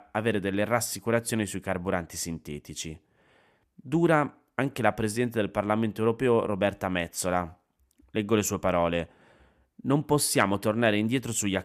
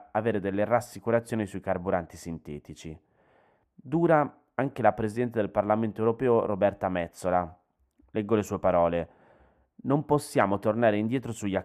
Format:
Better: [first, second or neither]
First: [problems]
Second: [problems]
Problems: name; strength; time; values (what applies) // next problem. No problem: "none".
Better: first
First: none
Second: muffled; very; fading above 2.5 kHz